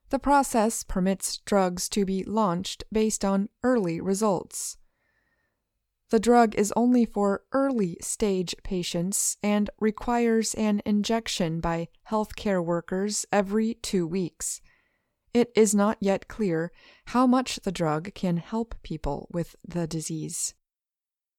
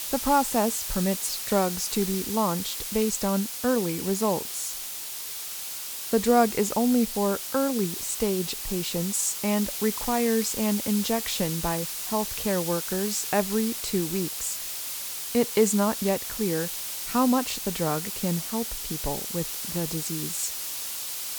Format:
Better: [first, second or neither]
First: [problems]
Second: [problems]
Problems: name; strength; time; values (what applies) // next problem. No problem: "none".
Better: first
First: none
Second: hiss; loud; throughout; 4 dB below the speech